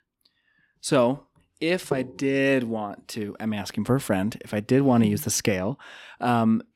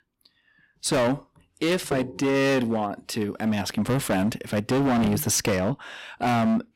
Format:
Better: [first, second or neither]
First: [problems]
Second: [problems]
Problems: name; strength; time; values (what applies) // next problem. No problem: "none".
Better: first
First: none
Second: distortion; heavy; 17% of the sound clipped